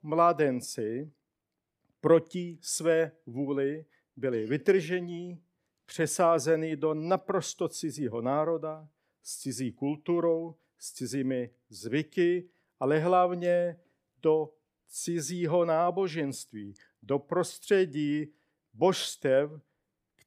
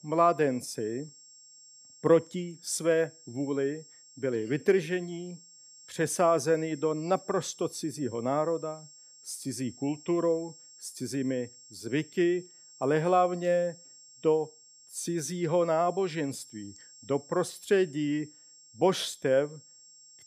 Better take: first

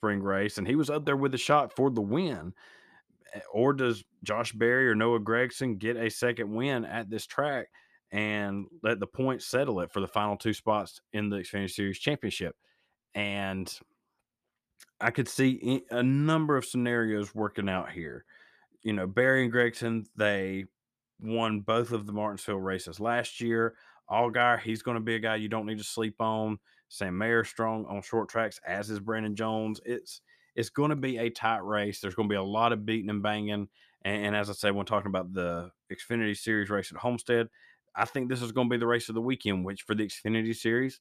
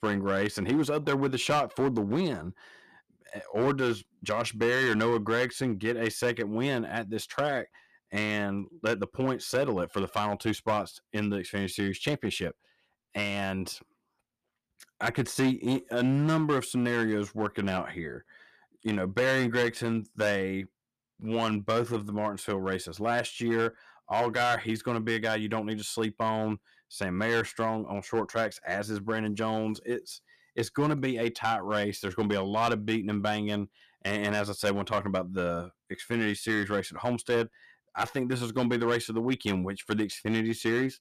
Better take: first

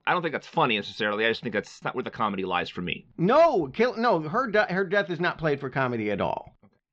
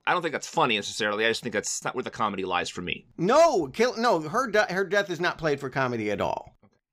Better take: second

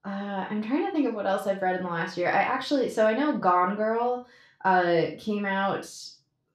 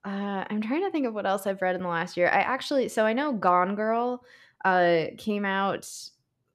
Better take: second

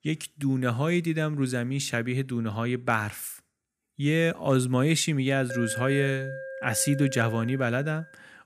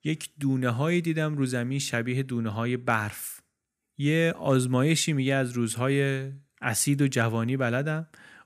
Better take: second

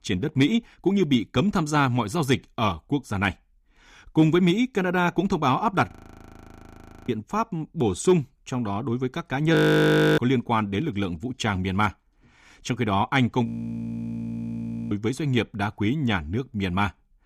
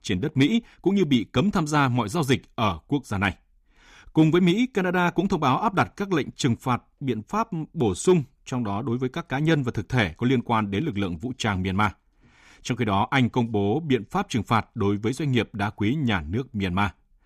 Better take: second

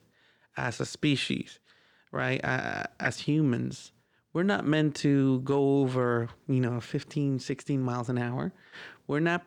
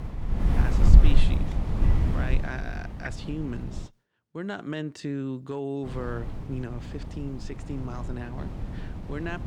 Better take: first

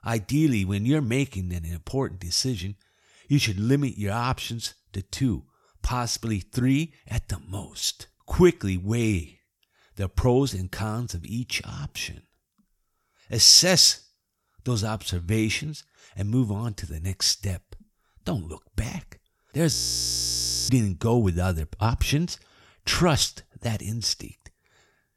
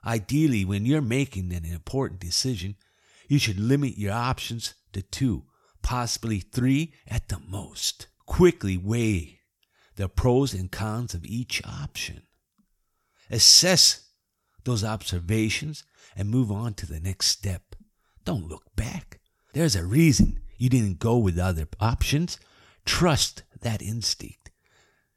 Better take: second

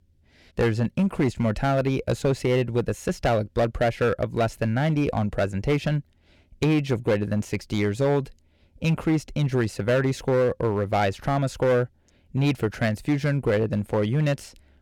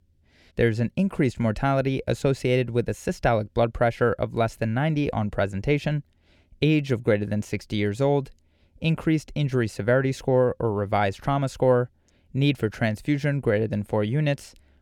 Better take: second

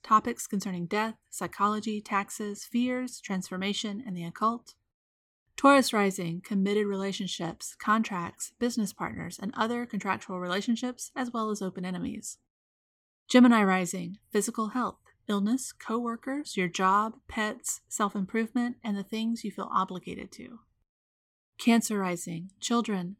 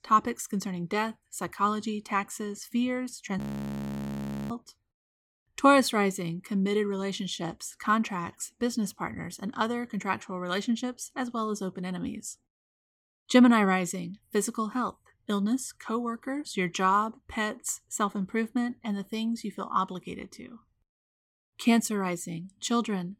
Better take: first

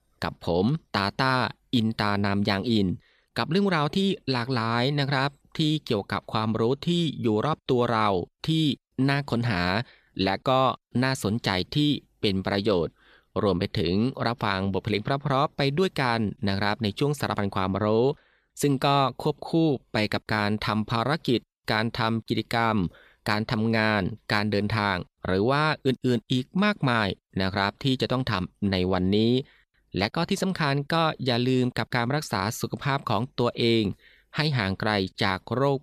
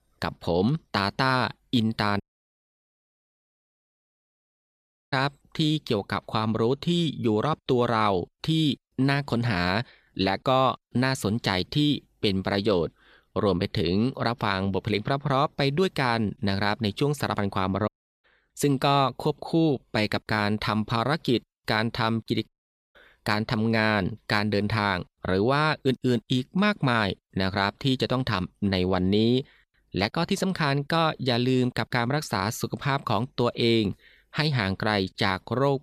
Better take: first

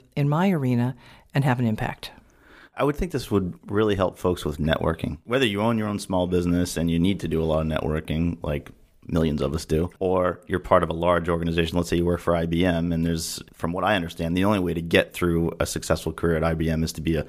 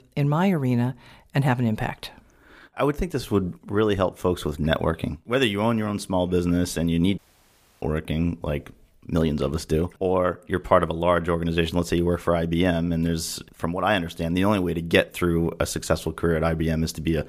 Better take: first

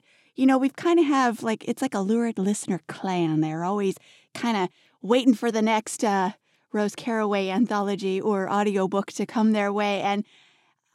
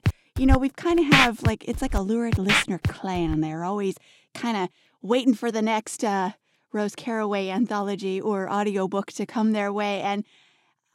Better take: first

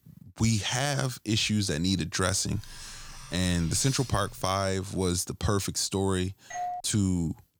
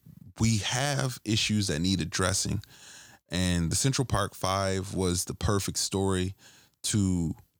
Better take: second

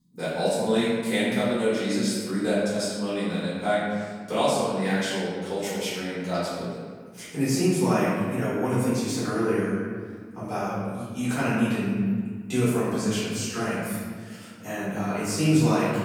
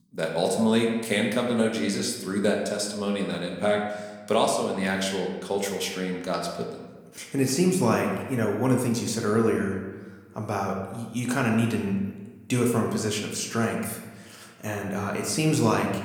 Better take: second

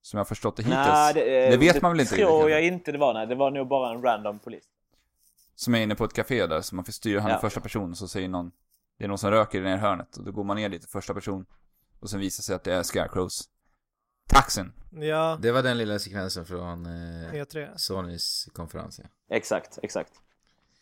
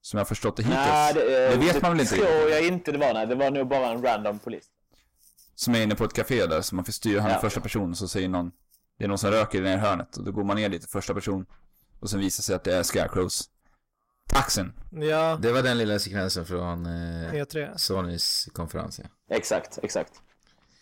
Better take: first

